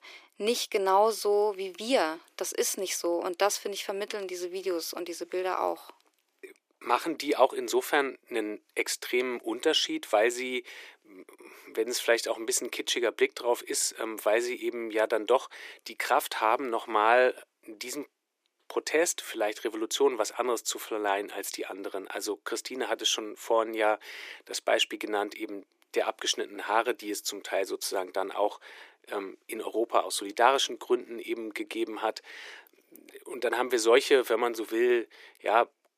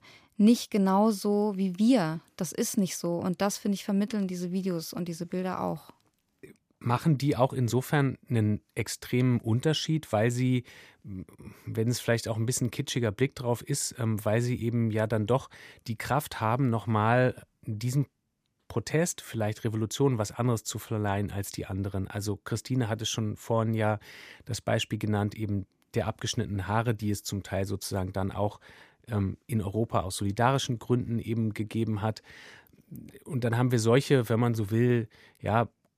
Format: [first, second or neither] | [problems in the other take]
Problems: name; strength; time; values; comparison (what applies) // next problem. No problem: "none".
second | thin; very; fading below 350 Hz